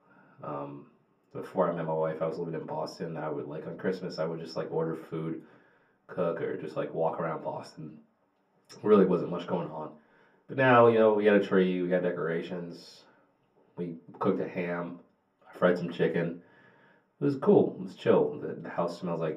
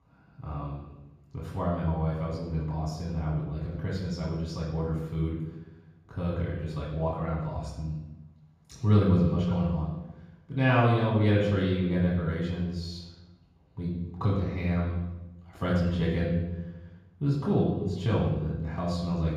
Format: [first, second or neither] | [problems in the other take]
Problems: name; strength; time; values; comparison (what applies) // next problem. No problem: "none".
first | room echo; strong; dies away in 1.3 s; slight in the first // off-mic speech; far; far in the first